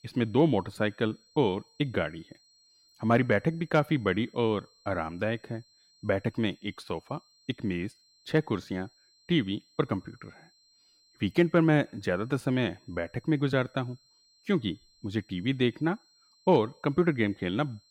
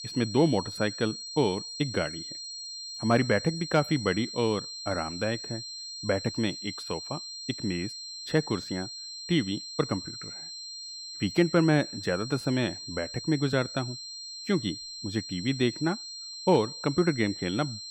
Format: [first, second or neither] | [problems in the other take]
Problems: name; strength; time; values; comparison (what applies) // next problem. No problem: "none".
first | high-pitched whine; loud; throughout; 4 kHz, 8 dB below the speech; faint in the first